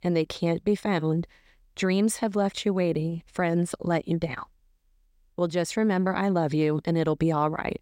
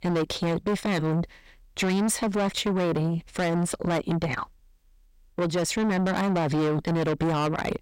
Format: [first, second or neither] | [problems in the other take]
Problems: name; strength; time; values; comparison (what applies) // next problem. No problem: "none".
first | distortion; heavy; 6 dB below the speech